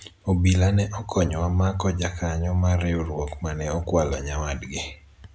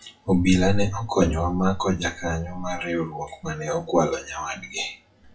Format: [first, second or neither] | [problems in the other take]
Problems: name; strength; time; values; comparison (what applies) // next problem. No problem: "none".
first | noise reduction (classical method WPE with log-MMSE)